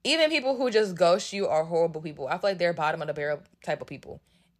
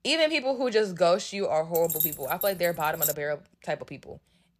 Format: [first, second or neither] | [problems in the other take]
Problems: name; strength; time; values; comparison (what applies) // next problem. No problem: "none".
first | jangling keys; loud; from 2 to 3 s; peak 1 dB above the speech